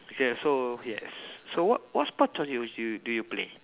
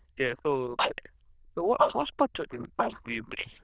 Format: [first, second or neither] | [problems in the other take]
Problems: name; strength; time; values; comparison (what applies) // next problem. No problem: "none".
first | noise reduction (neural diffusion model UNIVERSE++)